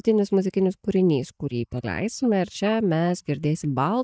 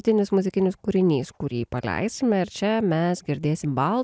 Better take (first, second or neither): second